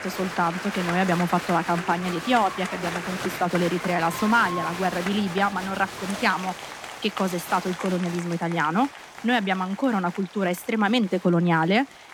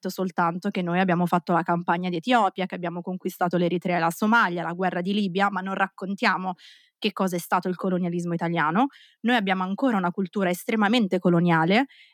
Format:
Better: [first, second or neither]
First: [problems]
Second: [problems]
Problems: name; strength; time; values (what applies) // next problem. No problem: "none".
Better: second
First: crowd noise; loud; throughout; 9 dB below the speech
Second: none